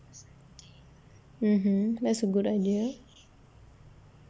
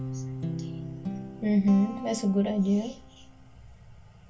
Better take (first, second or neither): first